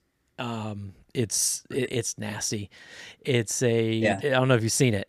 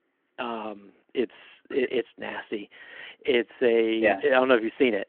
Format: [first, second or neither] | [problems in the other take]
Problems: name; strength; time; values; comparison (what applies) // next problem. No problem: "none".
first | phone-call audio